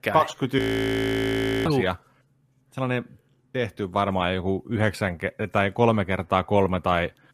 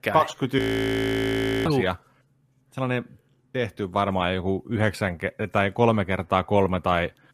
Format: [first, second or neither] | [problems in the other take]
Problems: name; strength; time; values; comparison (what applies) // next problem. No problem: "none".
neither | audio freezing; at 0.5 s for 1 s; the same in both